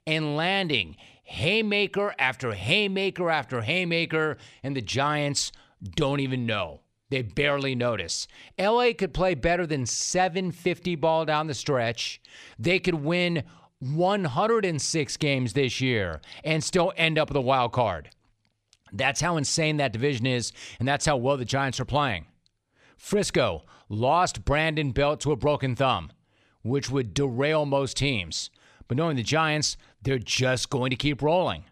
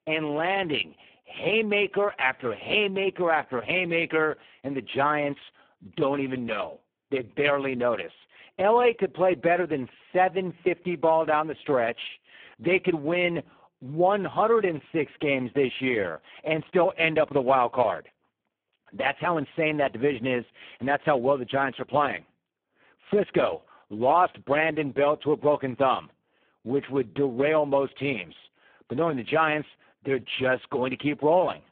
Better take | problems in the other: first | phone-call audio; poor line

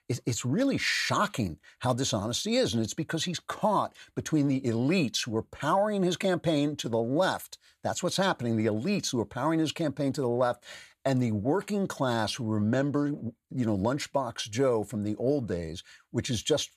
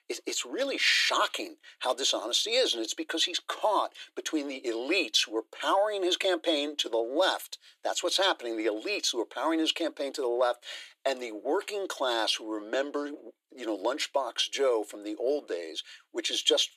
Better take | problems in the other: first | thin; very; fading below 300 Hz

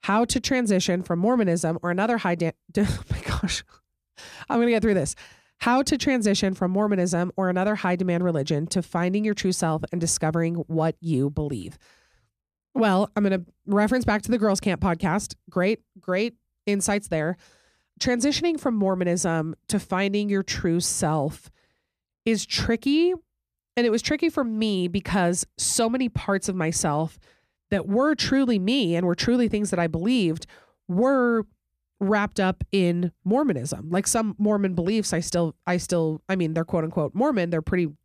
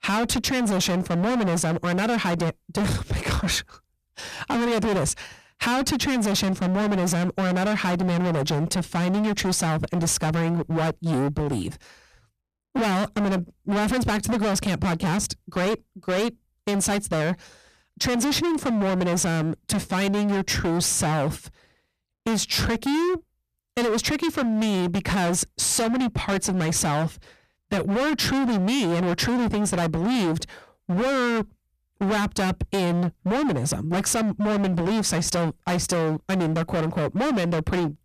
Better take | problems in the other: first | distortion; heavy; 36% of the sound clipped

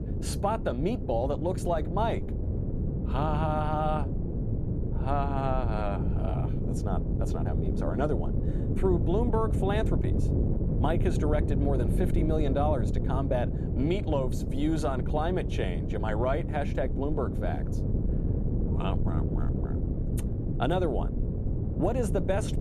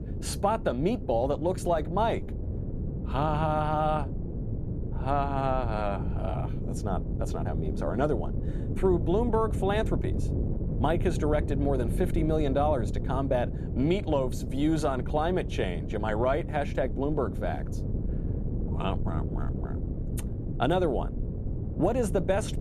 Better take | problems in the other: second | wind noise on the microphone; heavy; 8 dB below the speech; occasional gusts in the second

